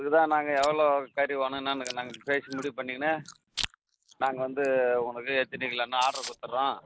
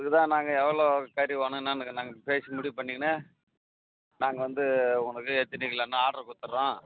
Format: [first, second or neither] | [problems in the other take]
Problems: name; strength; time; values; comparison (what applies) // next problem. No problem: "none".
second | background sound (Chewing, mastication); 16 dB below the speech